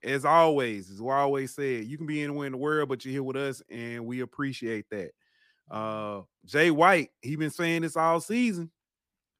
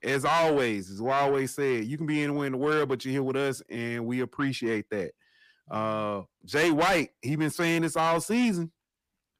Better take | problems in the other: first | distortion; heavy; 6 dB below the speech

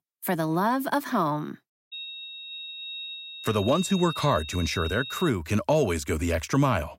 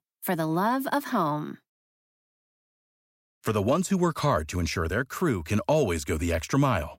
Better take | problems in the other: second | high-pitched whine; loud; from 2 to 5.5 s; 4 kHz, 10 dB below the speech

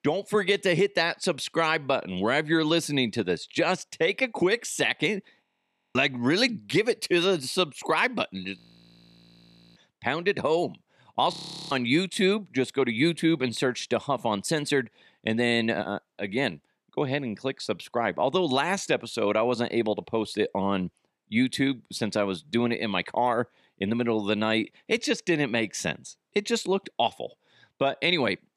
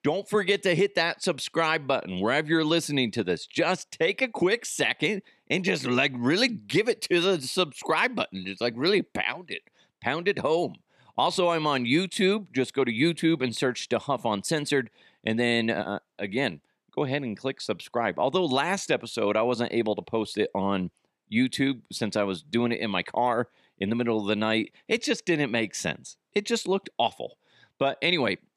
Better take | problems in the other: second | audio freezing; at 5.5 s for 0.5 s, at 8.5 s for 1 s and at 11 s

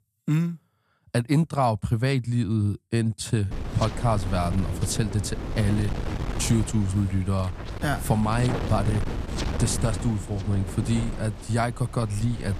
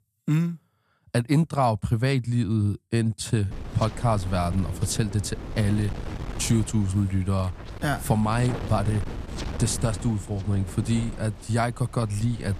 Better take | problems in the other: second | wind noise on the microphone; heavy; from 3.5 s on; 7 dB below the speech; occasional gusts in the second

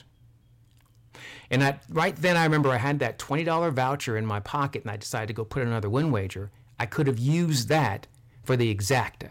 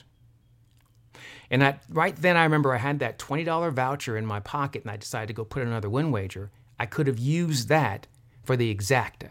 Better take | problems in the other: second | distortion; slight; 4% of the sound clipped

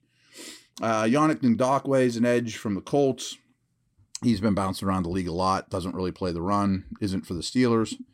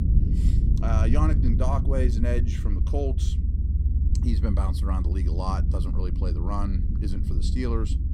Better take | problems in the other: first | low rumble; loud; throughout; 6 dB below the speech

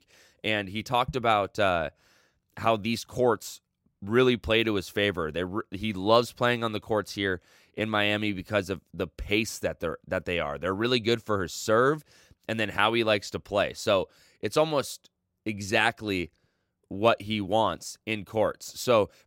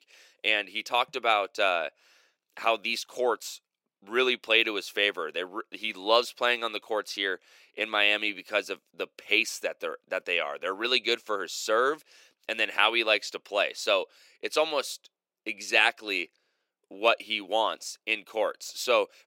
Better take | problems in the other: first | thin; somewhat; fading below 350 Hz

